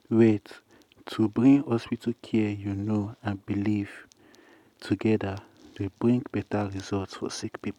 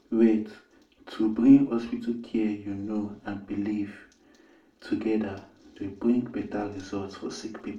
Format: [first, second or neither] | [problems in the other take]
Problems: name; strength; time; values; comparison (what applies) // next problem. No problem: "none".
first | room echo; dies away in 0.3 s